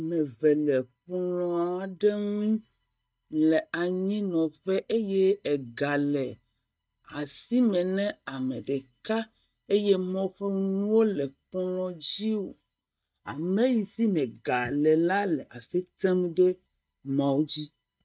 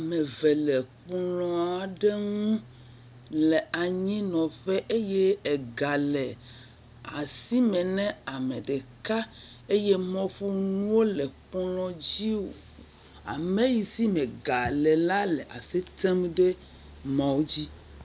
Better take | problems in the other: second | noise reduction (neural mask model DeepFilterNet 3)

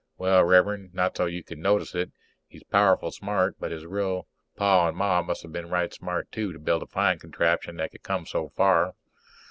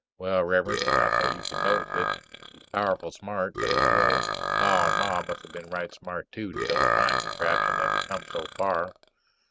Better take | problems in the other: first | noise reduction (neural mask model RNNoise)

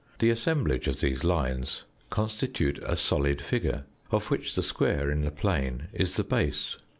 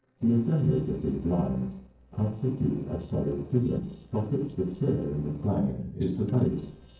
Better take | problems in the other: first | noise reduction (neural separator model SepFormer DNS4)

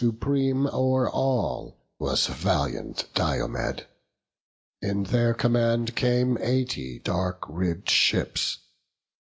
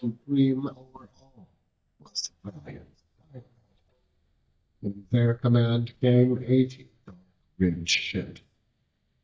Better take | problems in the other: first | noise reduction (neural mask model DeepFilterNet 3)

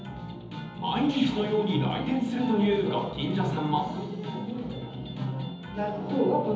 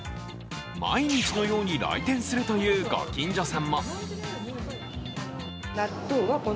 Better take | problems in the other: second | room echo; dies away in 1.3 s

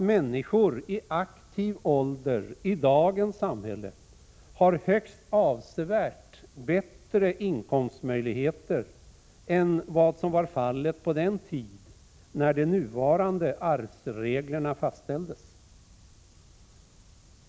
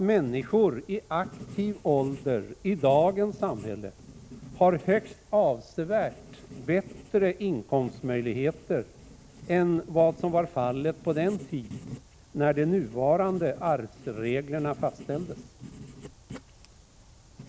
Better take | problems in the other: first | background sound (Writing); 18 dB below the speech

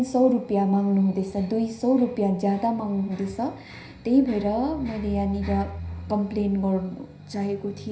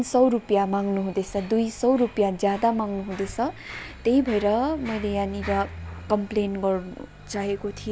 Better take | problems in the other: second | room echo; dies away in 0.5 s

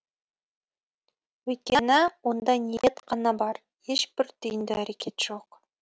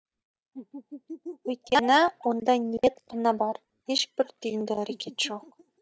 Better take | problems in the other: first | noise reduction (neural mask model DeepFilterNet 3)

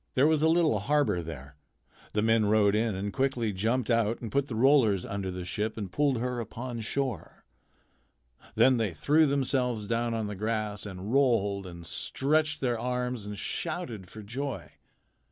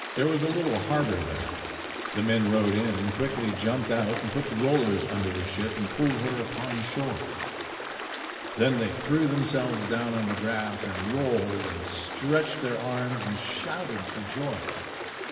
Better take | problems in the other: first | background sound (Stream); 7 dB below the speech // room echo; dies away in 2.7 s

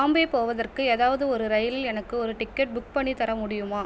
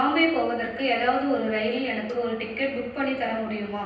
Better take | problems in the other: first | background sound (Cowbell); 17 dB below the speech // room echo; dies away in 0.9 s

